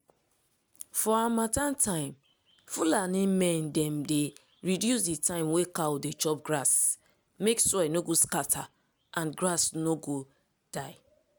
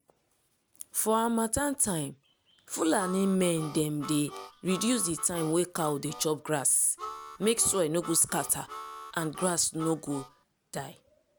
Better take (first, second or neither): first